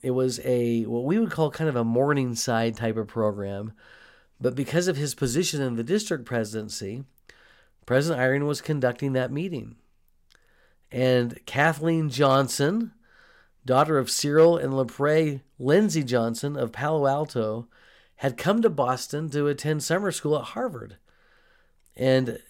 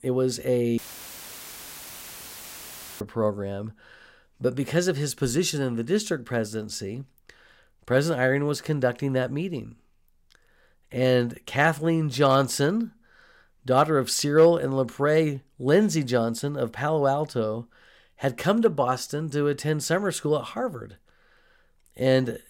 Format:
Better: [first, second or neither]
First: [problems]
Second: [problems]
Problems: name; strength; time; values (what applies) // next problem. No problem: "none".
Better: first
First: none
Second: audio cutting out; filled with static; at 1 s for 2 s